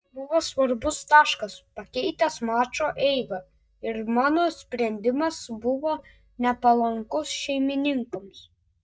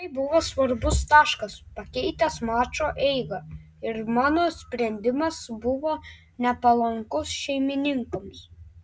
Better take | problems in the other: second | noise reduction (neural mask model DeepFilterNet 3)

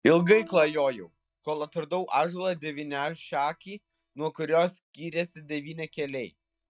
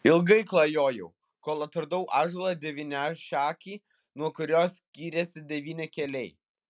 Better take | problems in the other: second | noise reduction (neural mask model DeepFilterNet 3)

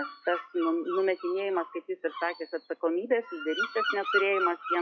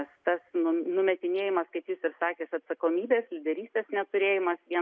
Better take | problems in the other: second | noise reduction (classical method log-MMSE)

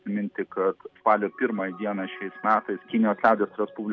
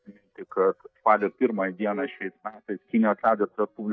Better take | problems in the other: first | noise reduction (neural mask model DeepFilterNet 3)

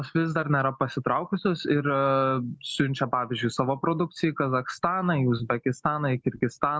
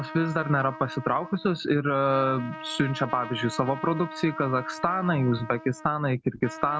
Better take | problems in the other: first | background sound (Trumpet); 14 dB below the speech

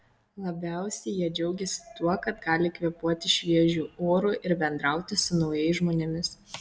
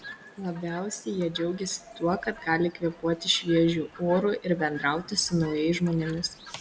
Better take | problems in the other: first | background sound (Chirp, tweet); 20 dB below the speech

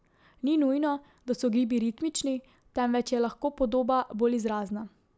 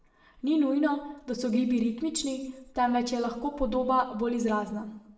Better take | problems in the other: first | room echo; dies away in 0.7 s

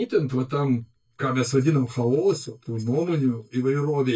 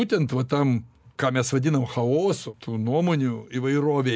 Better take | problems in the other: second | noise reduction (neural mask model DeepFilterNet 3)

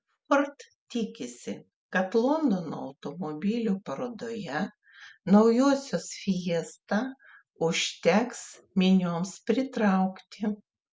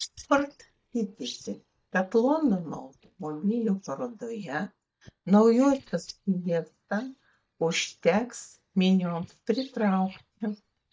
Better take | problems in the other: first | noise reduction (neural mask model DeepFilterNet 3)

